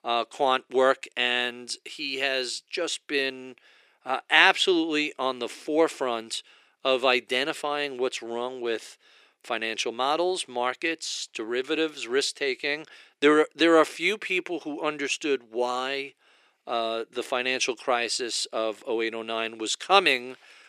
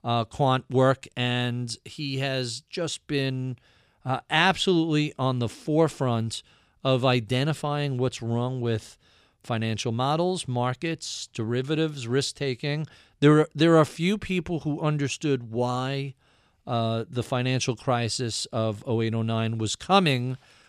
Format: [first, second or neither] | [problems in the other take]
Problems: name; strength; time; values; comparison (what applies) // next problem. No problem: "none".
second | thin; somewhat; fading below 350 Hz